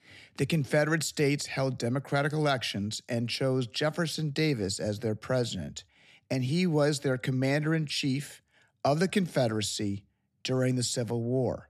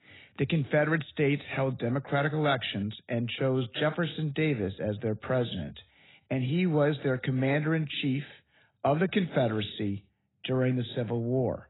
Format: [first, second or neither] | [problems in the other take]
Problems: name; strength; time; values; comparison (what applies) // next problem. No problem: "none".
first | garbled, watery; badly; nothing above 4 kHz